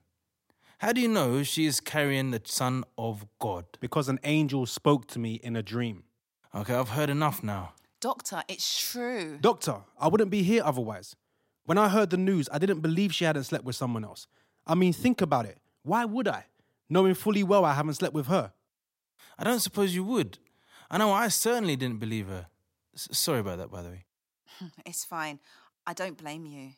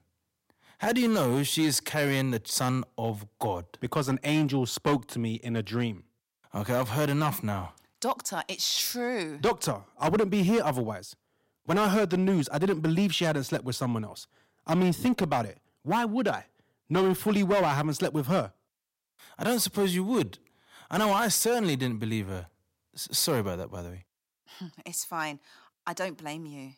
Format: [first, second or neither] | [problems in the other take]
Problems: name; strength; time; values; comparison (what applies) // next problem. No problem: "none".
first | distortion; slight; 5% of the sound clipped